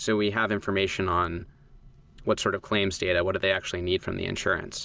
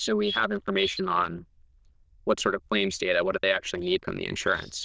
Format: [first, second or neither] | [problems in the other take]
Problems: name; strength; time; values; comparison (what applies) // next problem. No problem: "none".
first | noise reduction (neural diffusion model UNIVERSE++)